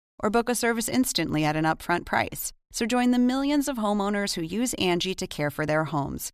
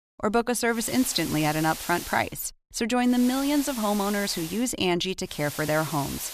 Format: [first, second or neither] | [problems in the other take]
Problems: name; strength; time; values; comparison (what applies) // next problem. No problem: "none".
first | hiss; noticeable; from 1 to 2 s, from 3 to 4.5 s and at 5.5 s; 10 dB below the speech